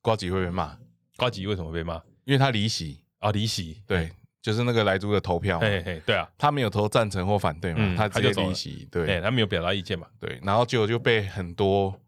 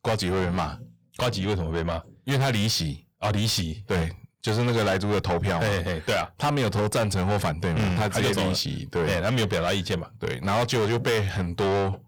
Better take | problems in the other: first | distortion; heavy; 5 dB below the speech

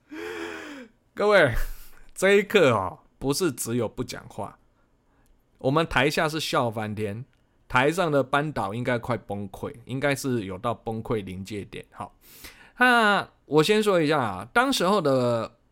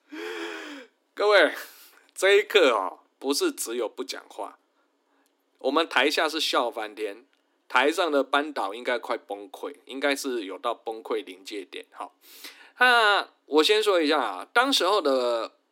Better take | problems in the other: first | thin; very slightly; fading below 300 Hz

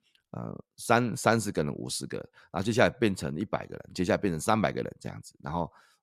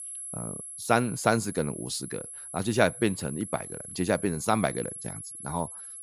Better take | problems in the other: first | high-pitched whine; loud; throughout; 11 kHz, 10 dB below the speech

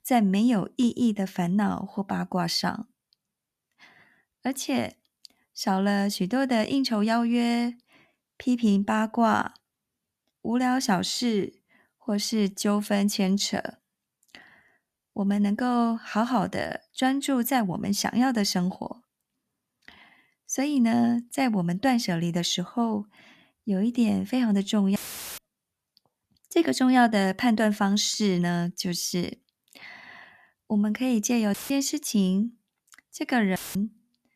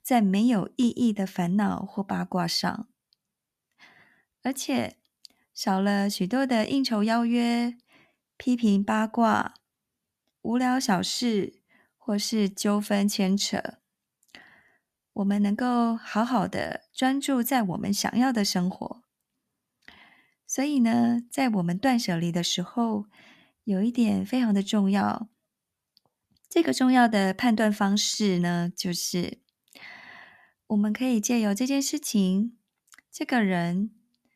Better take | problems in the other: second | audio cutting out; filled with static; at 25 s, at 32 s and at 34 s

